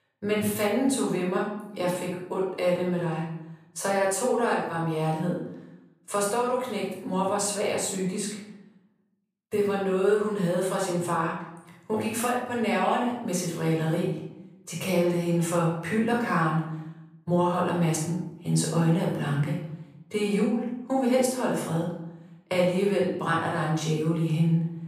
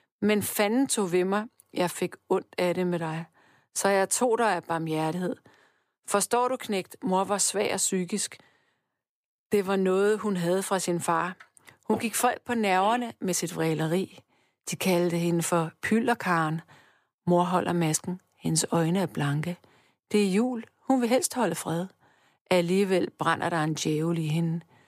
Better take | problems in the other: second | off-mic speech; far // room echo; noticeable; dies away in 0.7 s

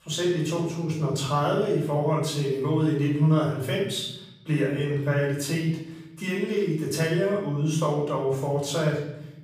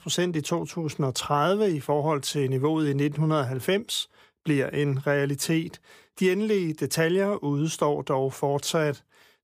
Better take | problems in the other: second | off-mic speech; far // room echo; noticeable; dies away in 0.8 s

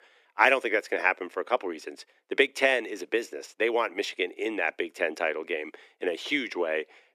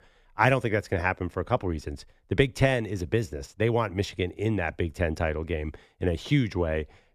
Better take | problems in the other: second | thin; very; fading below 300 Hz

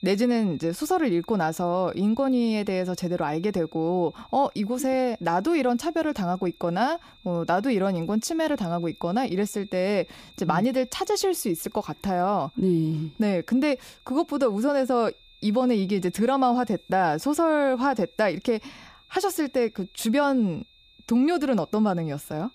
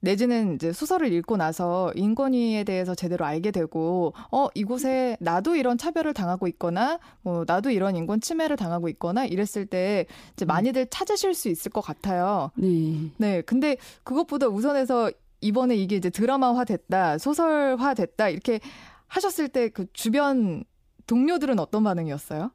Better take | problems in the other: second | high-pitched whine; faint; throughout; 3.5 kHz, 25 dB below the speech

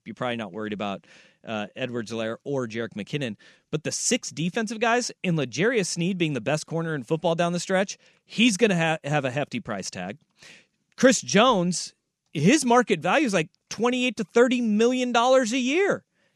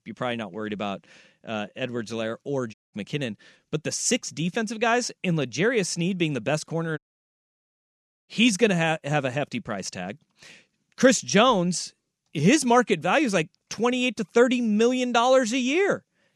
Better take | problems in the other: first | audio cutting out; at 2.5 s and at 7 s for 1.5 s

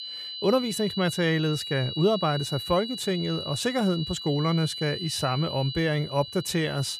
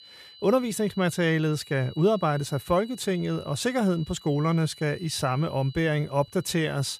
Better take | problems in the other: second | high-pitched whine; loud; throughout; 4 kHz, 7 dB below the speech; faint in the second

